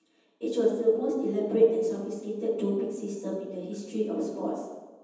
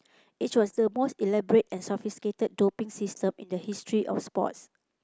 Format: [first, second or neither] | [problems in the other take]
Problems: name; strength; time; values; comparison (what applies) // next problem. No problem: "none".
second | room echo; dies away in 1.1 s